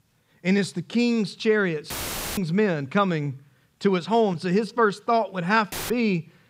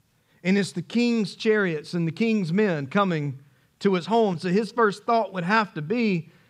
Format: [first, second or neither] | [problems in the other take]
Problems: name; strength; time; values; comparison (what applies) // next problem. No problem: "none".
second | audio cutting out; filled with static; at 2 s and at 5.5 s